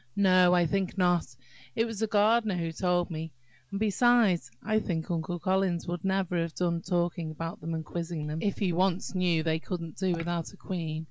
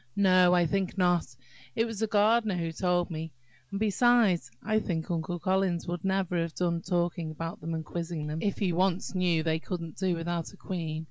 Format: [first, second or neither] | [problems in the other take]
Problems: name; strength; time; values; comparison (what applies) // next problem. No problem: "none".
second | background sound (Drip / Water); 16 dB below the speech